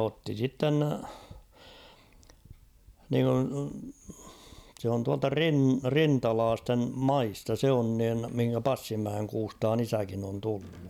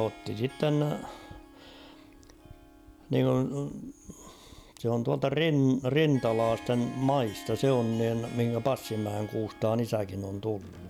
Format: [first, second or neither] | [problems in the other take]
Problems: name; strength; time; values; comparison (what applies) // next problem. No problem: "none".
first | background sound (Harp); 19 dB below the speech